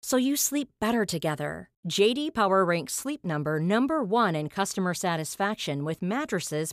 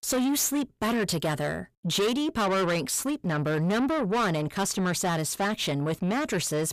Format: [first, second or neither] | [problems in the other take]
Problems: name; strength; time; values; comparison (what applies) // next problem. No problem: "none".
first | distortion; heavy; 7 dB below the speech